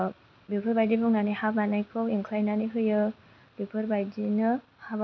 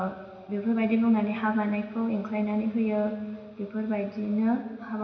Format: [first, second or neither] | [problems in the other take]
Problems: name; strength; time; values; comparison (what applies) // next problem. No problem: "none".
first | room echo; dies away in 2 s